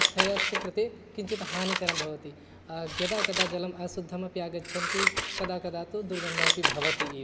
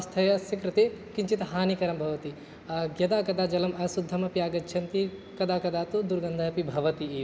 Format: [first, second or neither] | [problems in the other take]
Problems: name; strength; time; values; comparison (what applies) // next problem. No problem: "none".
second | background sound (Scissors); 2 dB above the speech